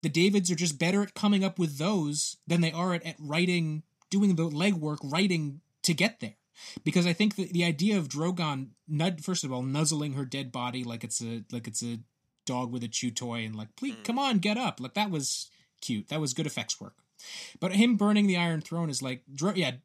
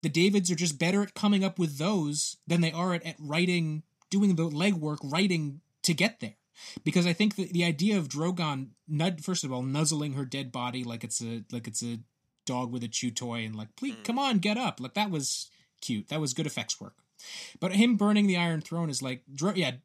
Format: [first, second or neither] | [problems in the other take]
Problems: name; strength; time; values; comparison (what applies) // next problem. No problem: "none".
neither | none